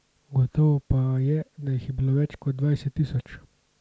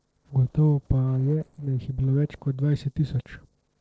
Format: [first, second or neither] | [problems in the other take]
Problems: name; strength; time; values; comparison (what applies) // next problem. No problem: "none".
first | noise reduction (neural separator model SepFormer DNS4)